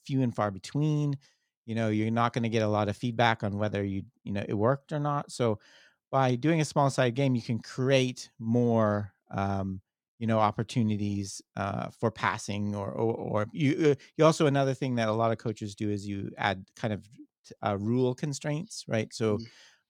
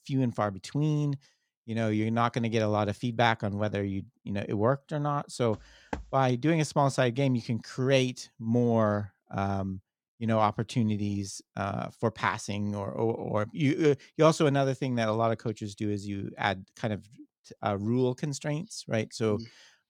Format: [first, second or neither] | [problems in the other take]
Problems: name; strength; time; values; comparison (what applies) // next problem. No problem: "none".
first | footsteps; faint; at 5.5 s; peak 10 dB below the speech